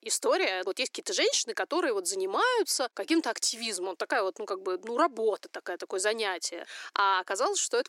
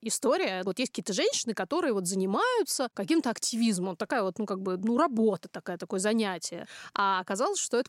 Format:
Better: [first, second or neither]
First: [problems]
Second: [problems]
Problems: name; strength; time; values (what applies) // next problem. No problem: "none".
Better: second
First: thin; very; fading below 300 Hz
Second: none